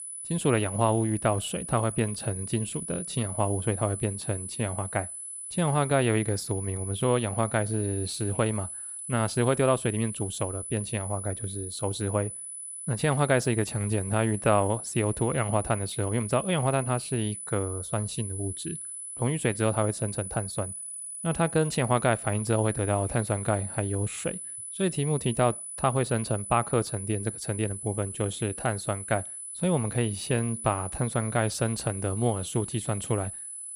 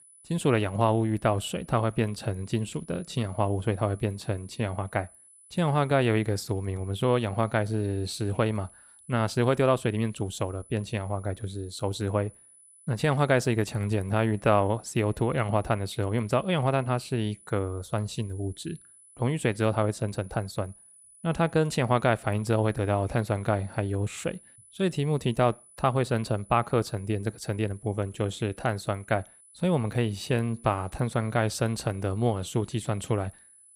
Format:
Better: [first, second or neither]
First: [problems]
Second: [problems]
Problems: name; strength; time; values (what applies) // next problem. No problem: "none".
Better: second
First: high-pitched whine; loud; throughout; 10 kHz, 7 dB below the speech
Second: high-pitched whine; faint; throughout; 10 kHz, 25 dB below the speech